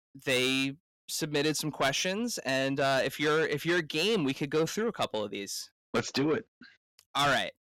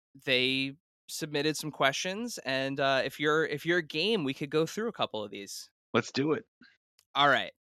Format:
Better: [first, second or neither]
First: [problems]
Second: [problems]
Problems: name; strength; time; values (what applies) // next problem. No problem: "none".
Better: second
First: distortion; heavy; 8 dB below the speech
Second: none